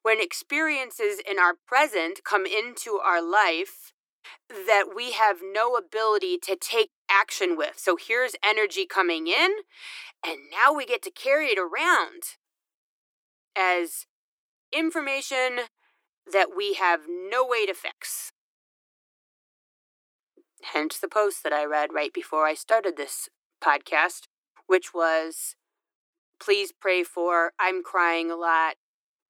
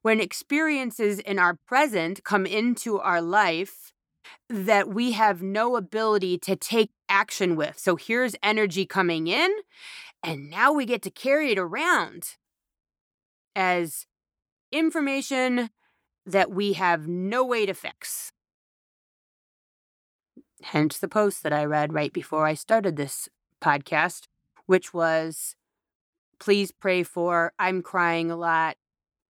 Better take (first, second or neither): second